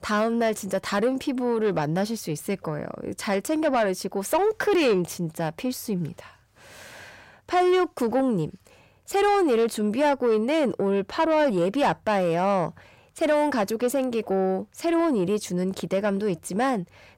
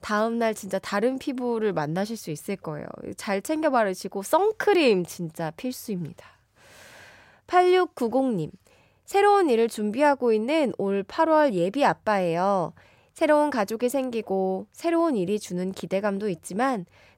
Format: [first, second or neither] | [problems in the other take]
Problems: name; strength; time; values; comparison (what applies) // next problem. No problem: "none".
second | distortion; slight; 10 dB below the speech